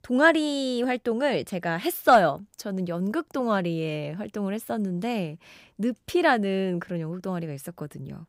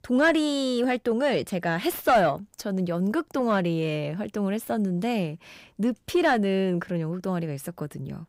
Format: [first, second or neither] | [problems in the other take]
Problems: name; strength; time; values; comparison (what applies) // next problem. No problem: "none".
first | distortion; slight; 10 dB below the speech